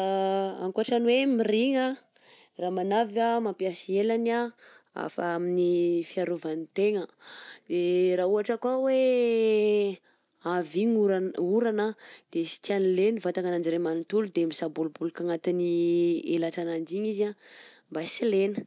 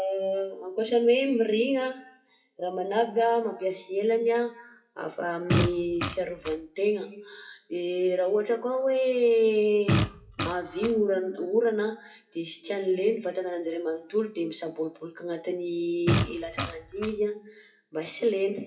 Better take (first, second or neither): first